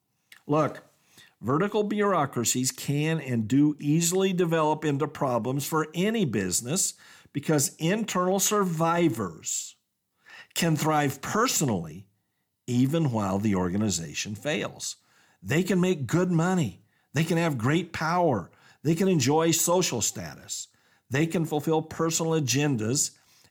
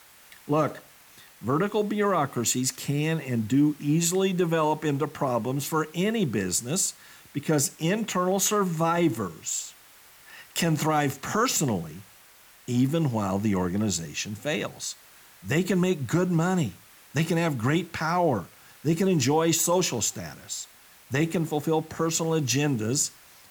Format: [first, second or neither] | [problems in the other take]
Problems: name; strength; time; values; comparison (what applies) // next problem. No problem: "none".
first | hiss; faint; throughout; 25 dB below the speech